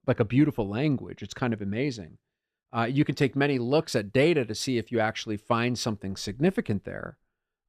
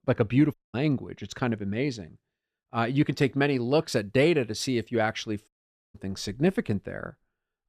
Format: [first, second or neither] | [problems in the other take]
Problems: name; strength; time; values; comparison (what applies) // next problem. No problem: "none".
first | audio cutting out; at 0.5 s and at 5.5 s